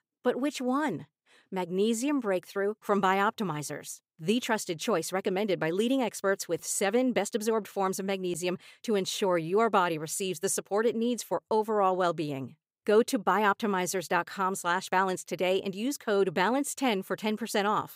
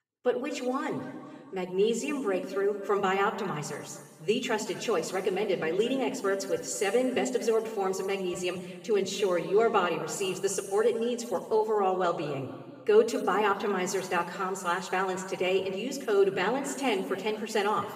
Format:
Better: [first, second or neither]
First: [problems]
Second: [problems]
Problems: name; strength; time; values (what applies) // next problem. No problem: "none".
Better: first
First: none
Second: room echo; noticeable; dies away in 1.7 s // off-mic speech; far